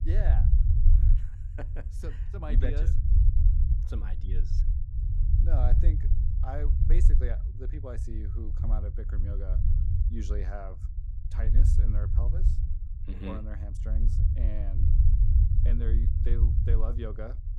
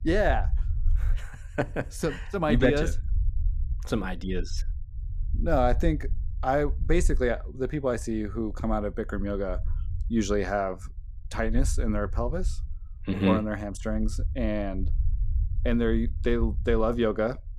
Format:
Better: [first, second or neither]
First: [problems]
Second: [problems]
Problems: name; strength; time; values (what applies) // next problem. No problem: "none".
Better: second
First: low rumble; loud; throughout; 2 dB below the speech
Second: low rumble; faint; throughout; 25 dB below the speech